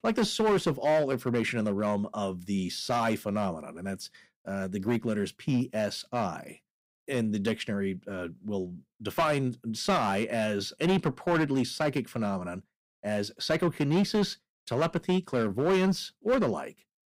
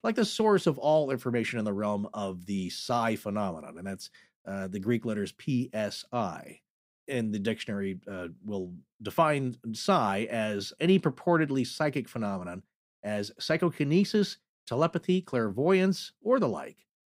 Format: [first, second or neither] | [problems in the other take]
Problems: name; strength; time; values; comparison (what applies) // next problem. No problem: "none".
second | distortion; slight; 6% of the sound clipped